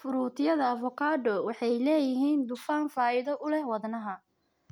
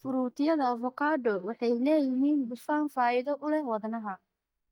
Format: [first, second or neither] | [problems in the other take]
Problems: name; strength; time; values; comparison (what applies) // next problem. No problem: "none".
first | noise reduction (neural mask model DeepFilterNet 3)